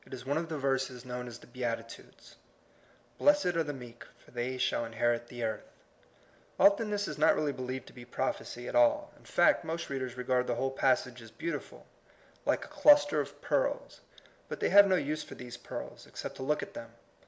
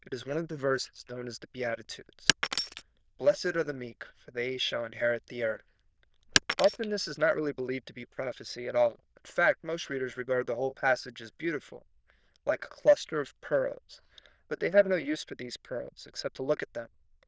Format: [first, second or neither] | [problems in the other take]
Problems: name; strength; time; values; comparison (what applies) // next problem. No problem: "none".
first | noise reduction (neural diffusion model UNIVERSE++)